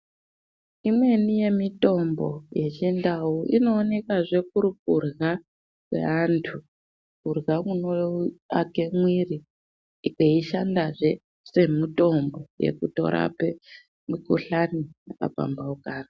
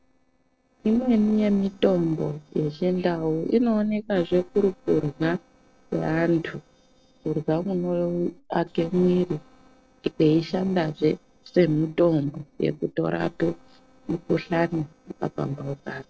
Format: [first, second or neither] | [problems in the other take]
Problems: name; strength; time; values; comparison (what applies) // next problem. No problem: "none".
first | noise reduction (neural separator model SepFormer DNS4)